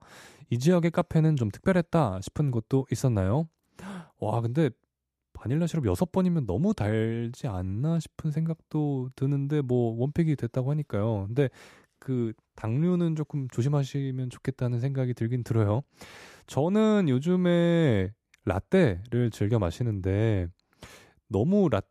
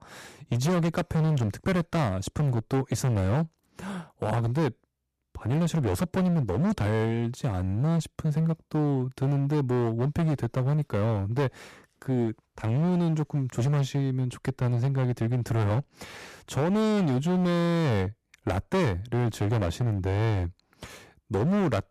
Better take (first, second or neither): first